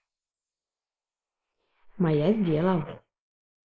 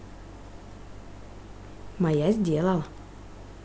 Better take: second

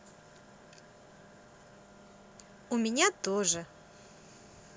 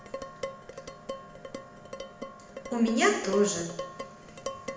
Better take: first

